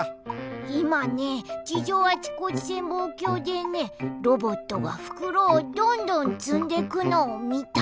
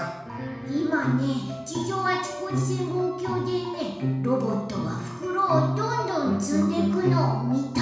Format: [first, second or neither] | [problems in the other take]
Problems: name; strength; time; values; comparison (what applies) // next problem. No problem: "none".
first | room echo; dies away in 1.1 s